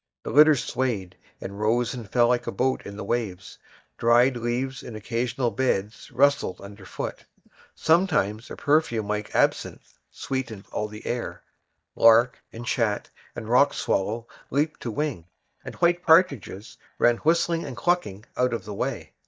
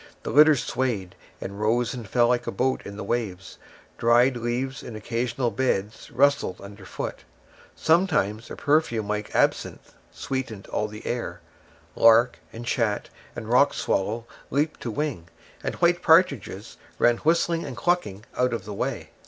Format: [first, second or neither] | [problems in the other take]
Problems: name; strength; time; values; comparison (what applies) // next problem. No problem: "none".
second | noise reduction (neural mask model DeepFilterNet 3)